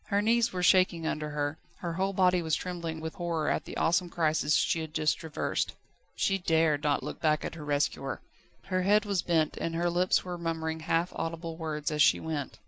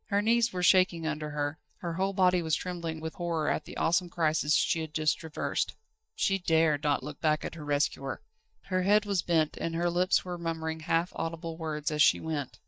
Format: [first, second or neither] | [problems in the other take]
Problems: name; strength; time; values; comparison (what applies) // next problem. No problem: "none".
first | noise reduction (neural mask model DeepFilterNet 3)